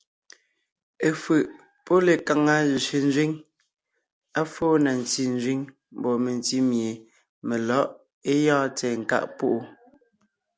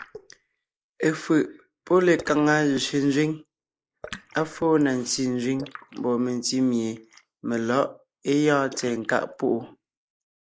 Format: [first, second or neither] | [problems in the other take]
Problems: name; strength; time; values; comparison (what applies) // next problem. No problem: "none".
first | noise reduction (neural mask model Resemble Enhance denoiser)